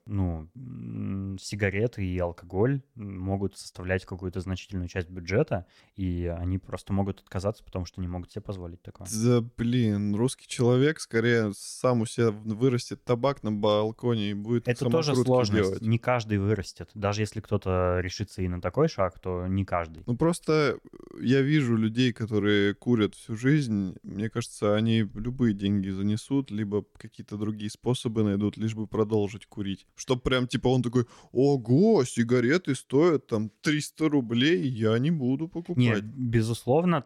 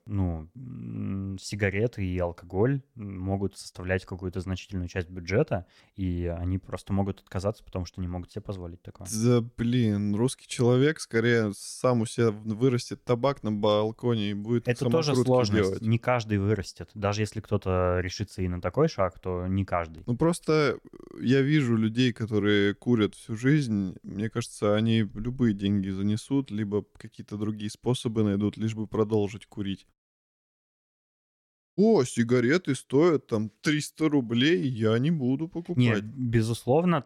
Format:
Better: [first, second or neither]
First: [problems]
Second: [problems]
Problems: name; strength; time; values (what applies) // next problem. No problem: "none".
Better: first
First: none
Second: audio cutting out; at 30 s for 2 s